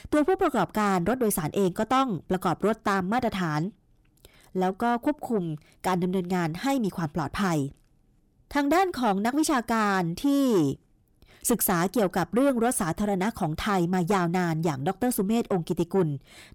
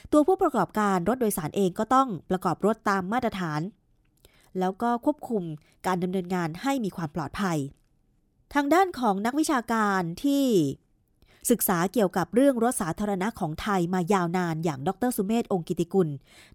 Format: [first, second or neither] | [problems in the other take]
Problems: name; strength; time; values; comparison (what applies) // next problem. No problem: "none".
second | distortion; slight; 10 dB below the speech